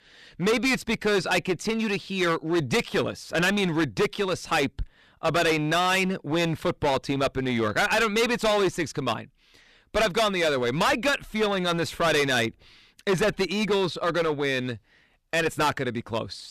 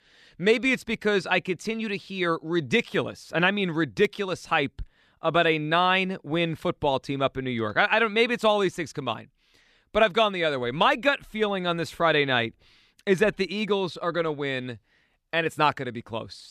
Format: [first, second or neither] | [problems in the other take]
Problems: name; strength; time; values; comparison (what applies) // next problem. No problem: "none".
second | distortion; heavy; 14% of the sound clipped